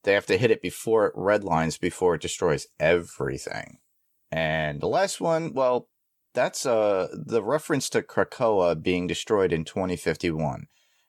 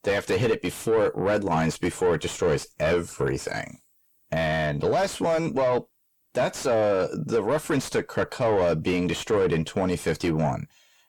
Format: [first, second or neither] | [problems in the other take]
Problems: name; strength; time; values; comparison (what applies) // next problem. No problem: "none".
first | distortion; heavy; 8 dB below the speech